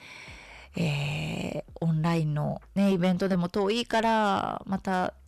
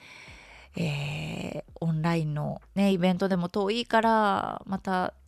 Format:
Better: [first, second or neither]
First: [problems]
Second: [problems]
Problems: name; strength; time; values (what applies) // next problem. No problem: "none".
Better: second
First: distortion; slight; 10 dB below the speech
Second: none